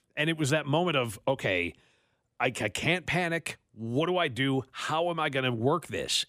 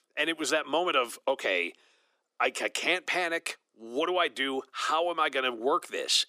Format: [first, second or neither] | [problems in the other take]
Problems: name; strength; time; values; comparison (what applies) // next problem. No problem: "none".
first | thin; somewhat; fading below 300 Hz